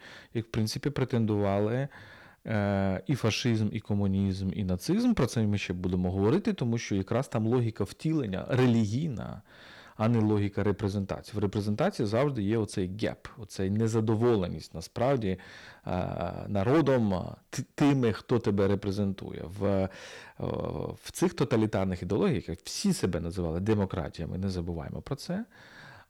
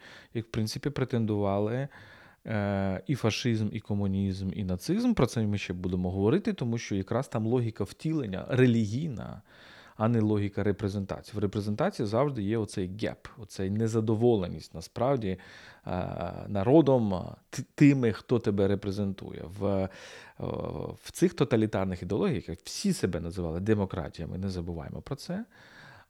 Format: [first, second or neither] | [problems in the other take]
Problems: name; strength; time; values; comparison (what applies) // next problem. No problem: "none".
second | distortion; slight; 4% of the sound clipped